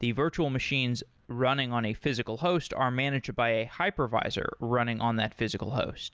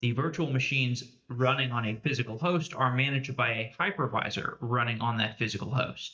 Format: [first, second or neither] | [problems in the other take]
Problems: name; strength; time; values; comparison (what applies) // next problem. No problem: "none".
first | noise reduction (neural mask model DeepFilterNet 3)